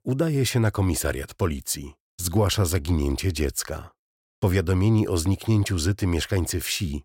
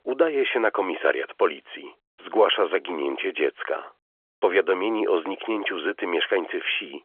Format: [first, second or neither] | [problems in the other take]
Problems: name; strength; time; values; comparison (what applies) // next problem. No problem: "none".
first | phone-call audio; nothing above 3.5 kHz